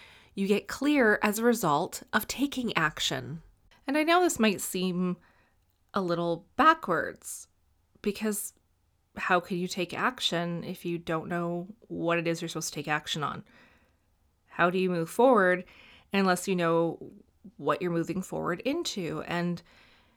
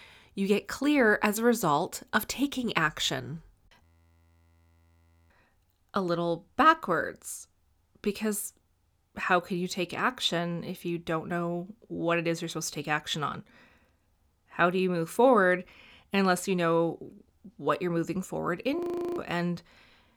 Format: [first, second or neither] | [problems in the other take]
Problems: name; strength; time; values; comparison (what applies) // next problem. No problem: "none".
first | audio freezing; at 4 s for 1.5 s and at 19 s